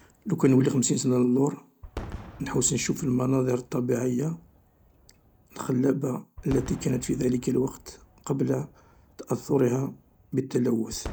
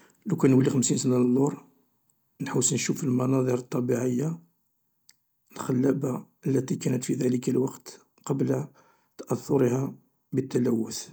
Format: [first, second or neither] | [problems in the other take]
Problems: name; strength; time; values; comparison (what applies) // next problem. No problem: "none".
second | background sound (Fireworks); 19 dB below the speech